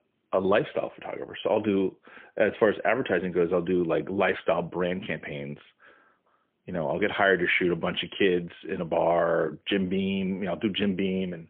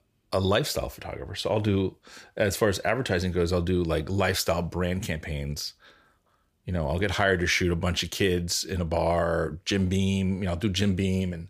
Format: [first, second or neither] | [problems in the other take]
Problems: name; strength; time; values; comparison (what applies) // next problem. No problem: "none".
second | phone-call audio; poor line; nothing above 3.5 kHz